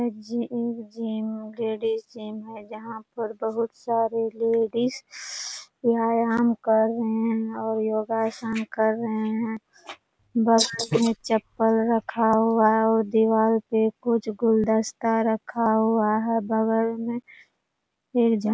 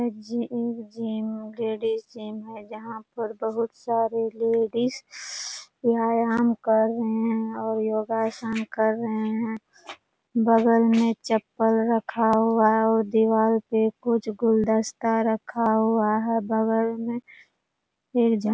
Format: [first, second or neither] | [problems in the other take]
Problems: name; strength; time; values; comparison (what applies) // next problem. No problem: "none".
second | noise reduction (neural mask model Resemble Enhance denoiser)